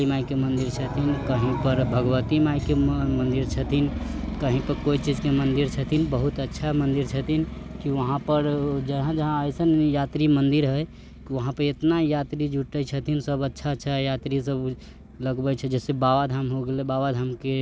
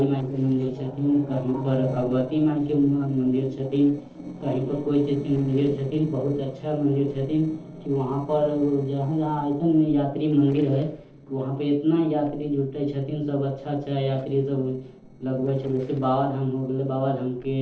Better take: first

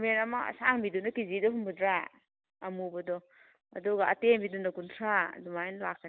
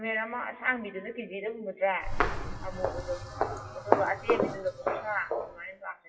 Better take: first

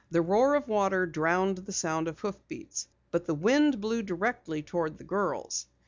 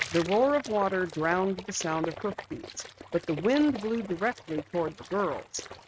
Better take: first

